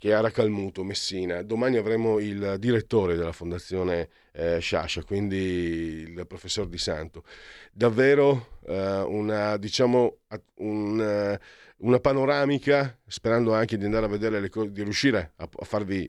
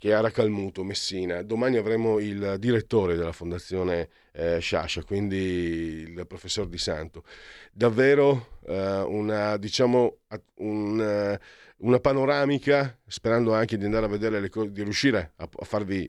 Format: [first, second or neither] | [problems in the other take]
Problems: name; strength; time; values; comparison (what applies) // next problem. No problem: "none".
neither | none